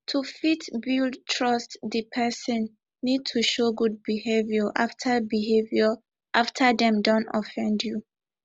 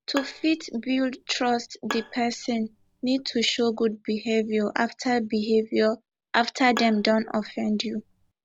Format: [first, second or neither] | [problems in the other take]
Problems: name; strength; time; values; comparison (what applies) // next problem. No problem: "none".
first | background sound (Bowed string instrument); 16 dB below the speech